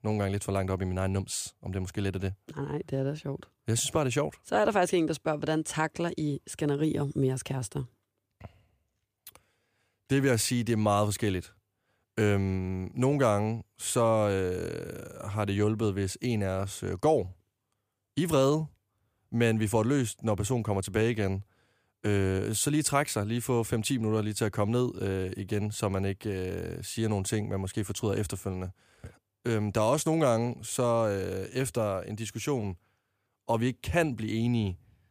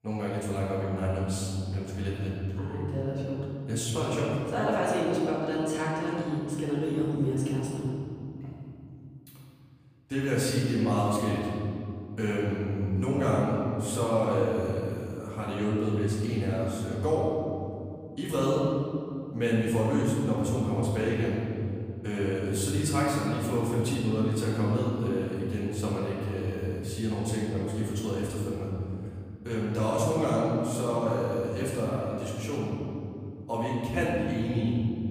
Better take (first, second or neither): first